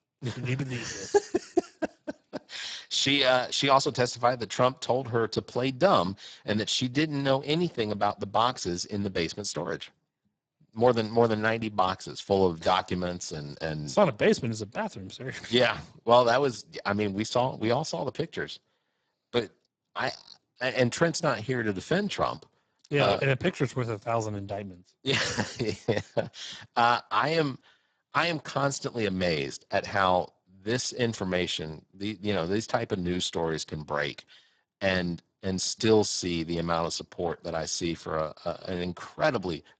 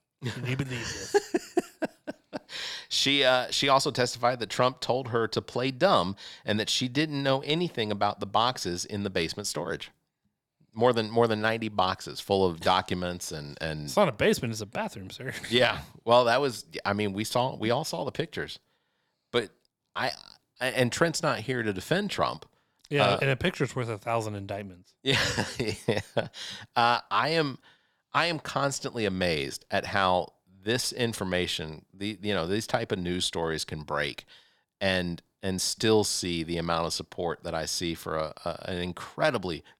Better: second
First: garbled, watery; badly; nothing above 7.5 kHz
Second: none

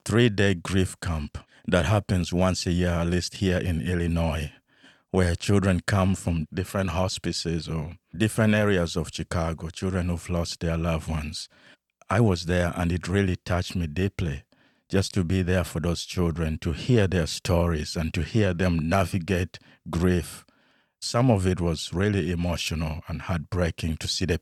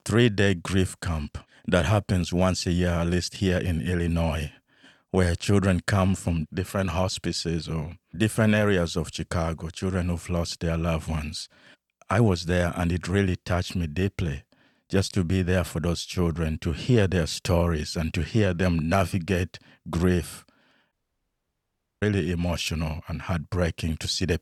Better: first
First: none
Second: audio cutting out; at 21 s for 1 s

